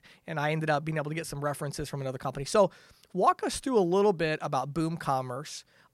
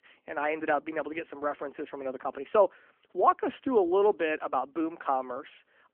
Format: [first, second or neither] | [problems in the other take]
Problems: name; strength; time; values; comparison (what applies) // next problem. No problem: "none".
first | phone-call audio